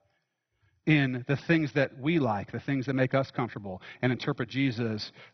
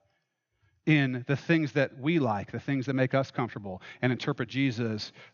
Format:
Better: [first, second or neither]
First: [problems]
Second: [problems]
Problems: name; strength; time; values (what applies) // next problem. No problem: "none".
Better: second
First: garbled, watery; badly; nothing above 5.5 kHz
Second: garbled, watery; slightly; nothing above 6.5 kHz